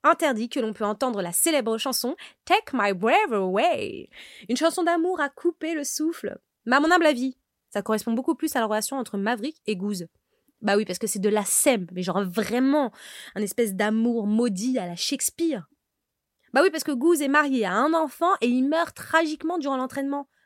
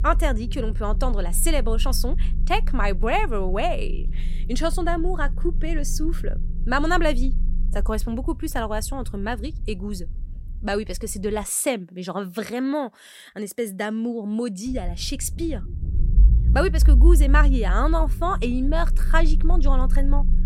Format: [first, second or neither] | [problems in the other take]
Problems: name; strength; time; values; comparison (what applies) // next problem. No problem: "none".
first | low rumble; noticeable; until 11 s and from 15 s on; 20 dB below the speech